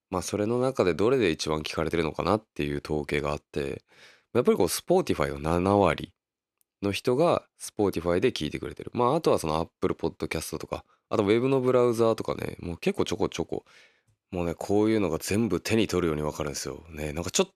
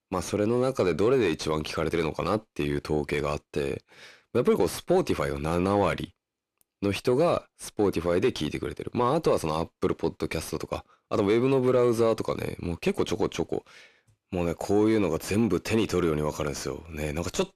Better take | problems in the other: first | distortion; slight; 10 dB below the speech

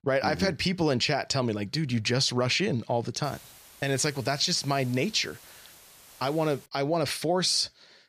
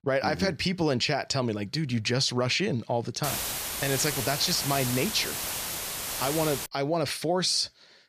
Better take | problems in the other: first | hiss; loud; from 3 to 6.5 s; 3 dB below the speech; faint in the first

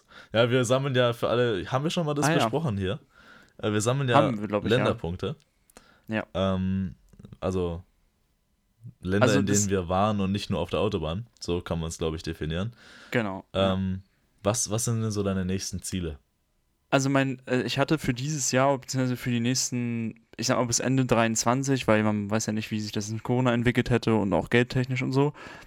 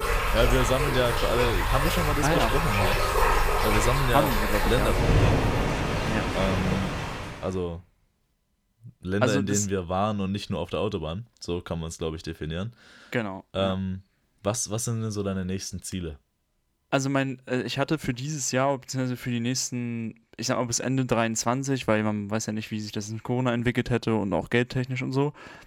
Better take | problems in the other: first | rain or running water; very loud; until 7 s; 2 dB above the speech

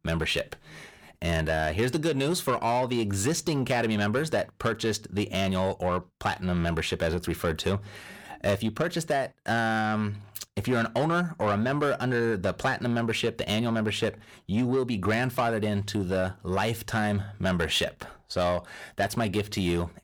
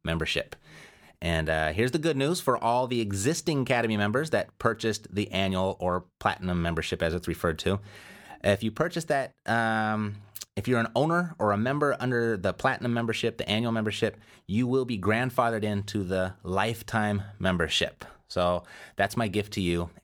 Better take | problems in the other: second | distortion; slight; 10 dB below the speech

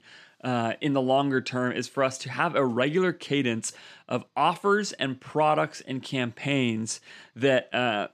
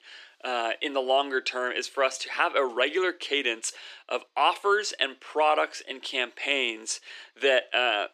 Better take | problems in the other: first | thin; very; fading below 350 Hz

